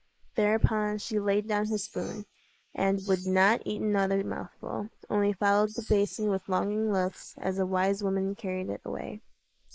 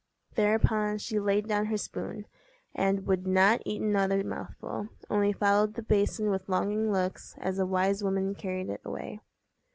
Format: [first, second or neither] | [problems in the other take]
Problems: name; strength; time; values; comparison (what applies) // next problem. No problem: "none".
second | noise reduction (neural mask model Resemble Enhance denoiser)